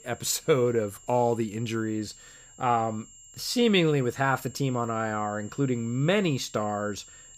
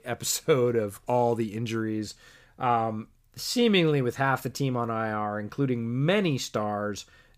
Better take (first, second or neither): second